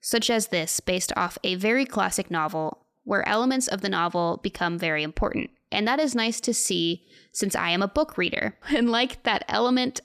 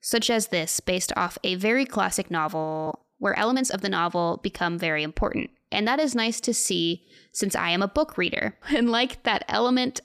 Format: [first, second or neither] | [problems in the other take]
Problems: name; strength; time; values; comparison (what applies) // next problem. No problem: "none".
first | audio freezing; at 2.5 s